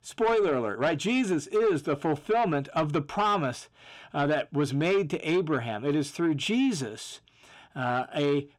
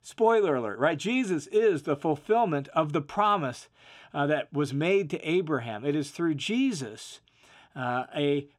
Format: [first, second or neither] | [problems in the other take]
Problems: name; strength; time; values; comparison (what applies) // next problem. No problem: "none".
second | distortion; slight; 10 dB below the speech